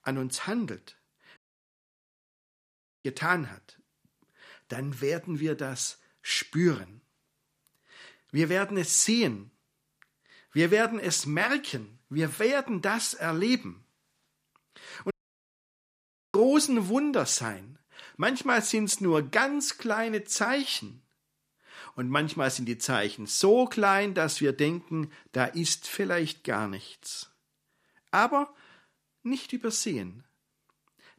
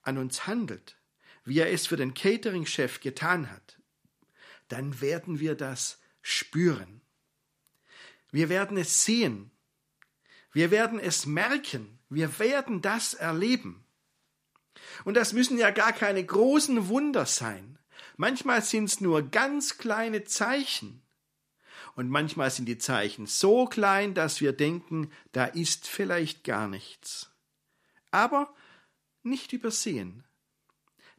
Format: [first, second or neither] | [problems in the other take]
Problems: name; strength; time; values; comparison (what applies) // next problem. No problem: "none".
second | audio cutting out; at 1.5 s for 1.5 s and at 15 s for 1 s